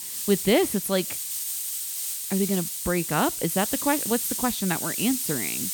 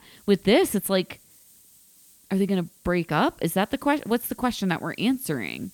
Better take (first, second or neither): second